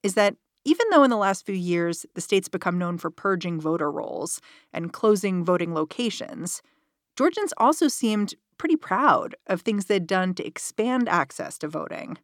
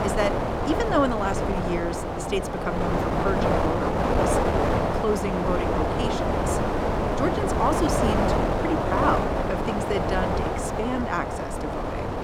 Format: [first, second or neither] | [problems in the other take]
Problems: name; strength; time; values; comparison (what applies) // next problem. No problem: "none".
first | wind noise on the microphone; heavy; 3 dB above the speech